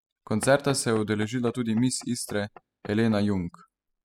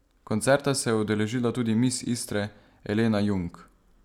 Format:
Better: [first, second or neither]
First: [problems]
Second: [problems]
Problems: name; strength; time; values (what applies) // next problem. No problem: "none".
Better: second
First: noise reduction (classical method spectral subtraction)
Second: none